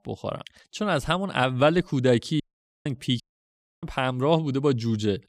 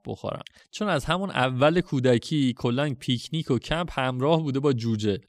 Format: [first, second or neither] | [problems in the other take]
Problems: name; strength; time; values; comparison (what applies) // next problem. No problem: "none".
second | audio cutting out; at 2.5 s and at 3 s for 0.5 s